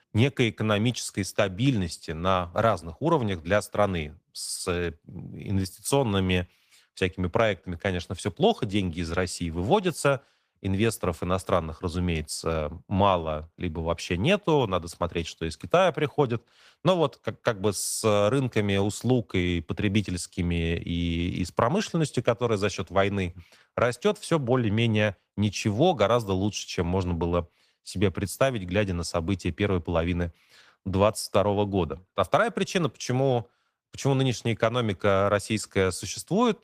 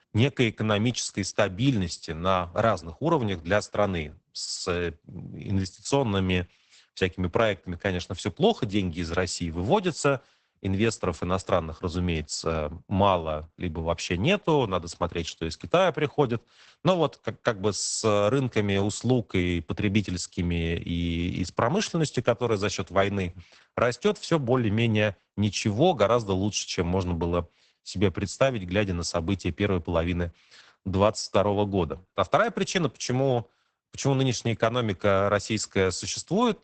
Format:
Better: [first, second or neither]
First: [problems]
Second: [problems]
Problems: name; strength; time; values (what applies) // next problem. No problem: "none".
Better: first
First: garbled, watery; slightly; nothing above 15 kHz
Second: garbled, watery; badly; nothing above 8 kHz